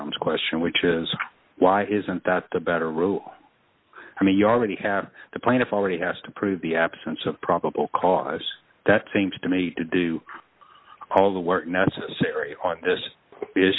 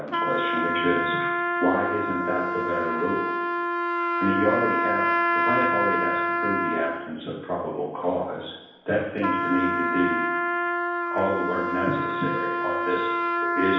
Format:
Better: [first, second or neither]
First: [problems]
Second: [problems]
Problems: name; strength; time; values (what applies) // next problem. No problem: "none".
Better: first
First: none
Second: background sound (Trumpet); 2 dB above the speech // room echo; dies away in 0.9 s